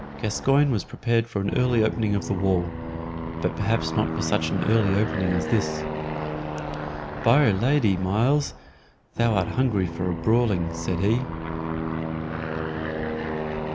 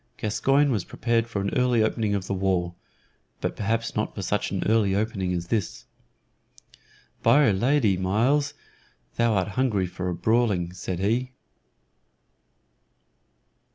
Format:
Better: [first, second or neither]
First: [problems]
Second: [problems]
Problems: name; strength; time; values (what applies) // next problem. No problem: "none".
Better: second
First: background sound (Aircraft); 6 dB below the speech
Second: none